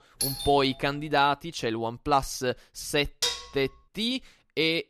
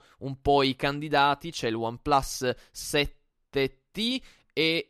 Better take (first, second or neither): second